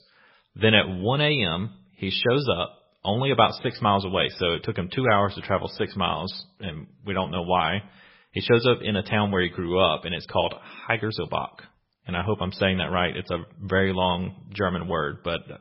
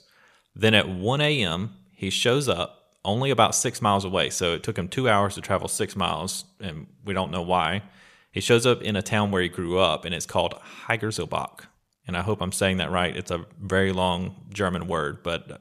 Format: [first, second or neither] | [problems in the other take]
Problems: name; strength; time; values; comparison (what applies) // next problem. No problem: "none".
second | garbled, watery; badly; nothing above 5.5 kHz